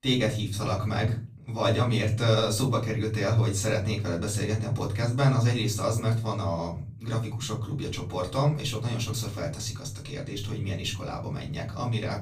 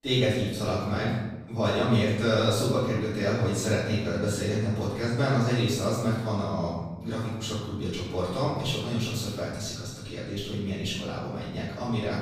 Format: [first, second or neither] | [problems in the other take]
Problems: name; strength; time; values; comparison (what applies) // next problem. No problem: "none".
first | room echo; strong; dies away in 1 s; slight in the first // off-mic speech; far; far in the first